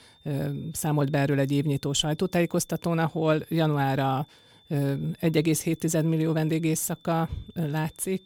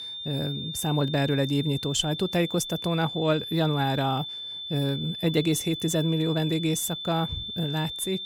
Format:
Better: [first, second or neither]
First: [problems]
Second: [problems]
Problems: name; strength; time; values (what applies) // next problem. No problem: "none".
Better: first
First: high-pitched whine; faint; throughout; 3.5 kHz, 30 dB below the speech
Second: high-pitched whine; loud; throughout; 3.5 kHz, 6 dB below the speech